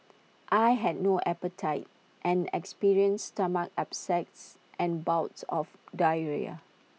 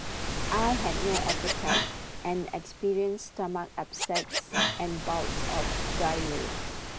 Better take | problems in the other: first | background sound (Waves, surf + Scratching (performance technique)); 1 dB above the speech

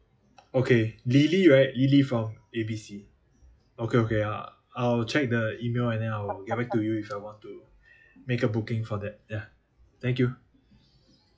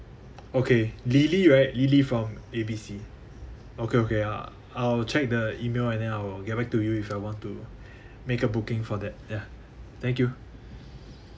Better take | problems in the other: second | noise reduction (classical method log-MMSE)

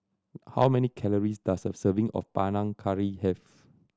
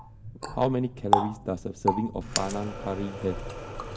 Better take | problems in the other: first | background sound (Water tap, faucet); 1 dB below the speech // room echo; dies away in 1.4 s

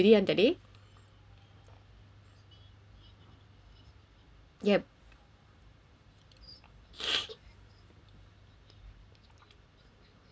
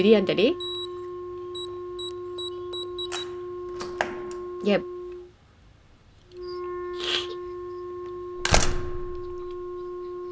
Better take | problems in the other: first | background sound (Slam + Wind instrument, woodwind instrument); as loud as the speech

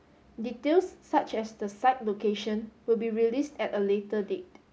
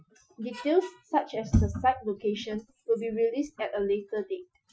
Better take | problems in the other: first | noise reduction (classical method Wiener filter)

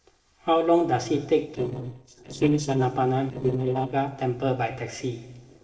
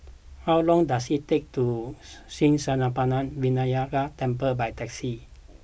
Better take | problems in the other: second | noise reduction (neural separator model SepFormer DNS4)

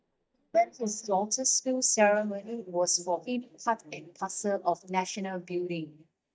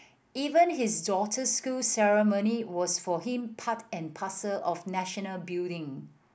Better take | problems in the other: second | noise reduction (neural mask model DeepFilterNet 3)

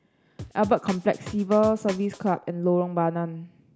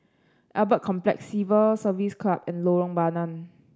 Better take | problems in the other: second | background sound (Drum); 15 dB below the speech

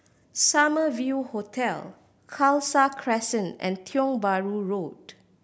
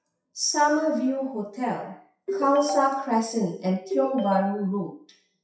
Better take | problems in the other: first | noise reduction (classical method WPE with log-MMSE)

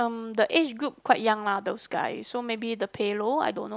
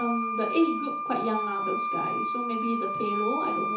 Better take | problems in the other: first | background sound (Wind instrument, woodwind instrument); as loud as the speech // room echo; dies away in 0.6 s

